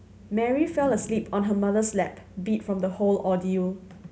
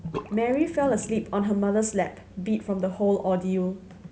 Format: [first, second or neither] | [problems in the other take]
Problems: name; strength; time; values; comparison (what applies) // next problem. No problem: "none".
first | background sound (Bathtub (filling or washing) / Sink (filling or washing)); 18 dB below the speech